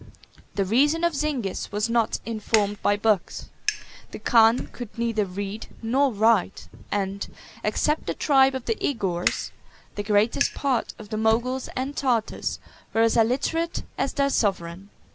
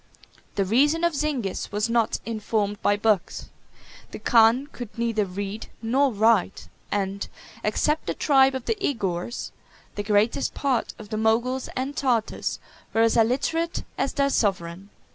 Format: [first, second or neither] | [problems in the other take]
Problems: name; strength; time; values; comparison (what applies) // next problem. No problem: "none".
second | background sound (Fire); 14 dB below the speech